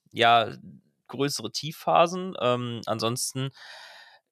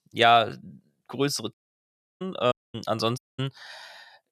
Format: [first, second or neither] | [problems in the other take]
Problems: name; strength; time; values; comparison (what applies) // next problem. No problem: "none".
first | audio cutting out; at 1.5 s for 0.5 s, at 2.5 s and at 3 s